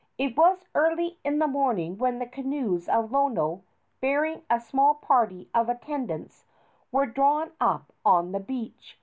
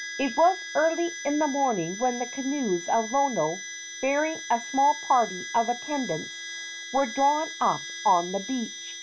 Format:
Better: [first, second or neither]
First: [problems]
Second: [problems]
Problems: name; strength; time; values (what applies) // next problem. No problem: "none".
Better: first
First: none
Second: background sound (Harmonica); 11 dB below the speech